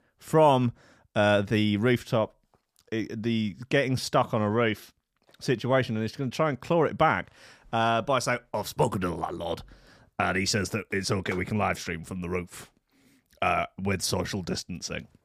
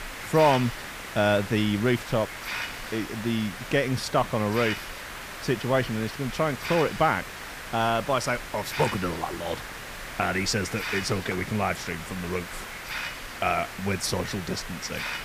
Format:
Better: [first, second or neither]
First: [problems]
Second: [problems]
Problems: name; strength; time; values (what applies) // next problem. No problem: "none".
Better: first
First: none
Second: hiss; loud; throughout; 8 dB below the speech